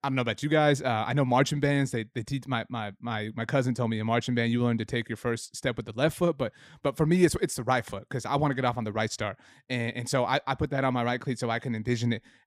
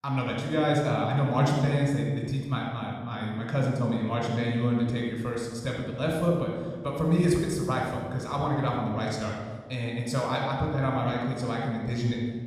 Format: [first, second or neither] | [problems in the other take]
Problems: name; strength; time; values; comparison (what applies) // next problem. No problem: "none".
first | off-mic speech; somewhat distant // room echo; noticeable; dies away in 1.4 s